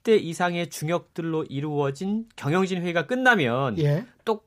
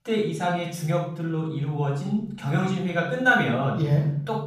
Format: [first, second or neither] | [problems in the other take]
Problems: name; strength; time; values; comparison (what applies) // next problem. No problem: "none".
first | off-mic speech; far // room echo; noticeable; dies away in 0.7 s